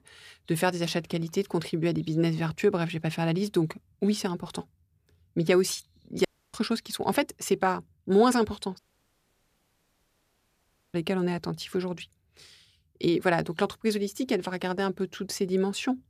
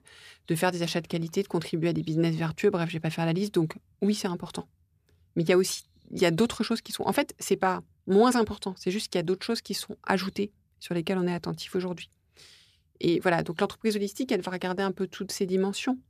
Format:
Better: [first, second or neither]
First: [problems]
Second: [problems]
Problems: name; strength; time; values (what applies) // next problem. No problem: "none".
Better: second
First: audio cutting out; at 6.5 s and at 9 s for 2 s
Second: none